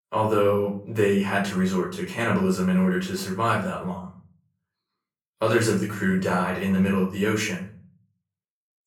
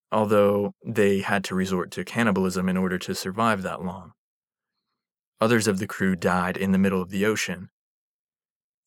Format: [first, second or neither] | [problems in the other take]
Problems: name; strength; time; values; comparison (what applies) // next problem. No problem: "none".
second | off-mic speech; far // room echo; slight; dies away in 0.4 s